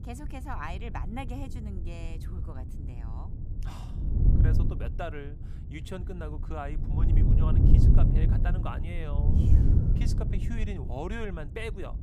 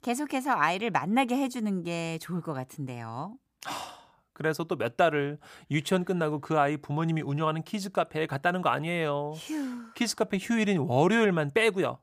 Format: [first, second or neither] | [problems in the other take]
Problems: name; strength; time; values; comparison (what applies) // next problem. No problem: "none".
second | wind noise on the microphone; heavy; as loud as the speech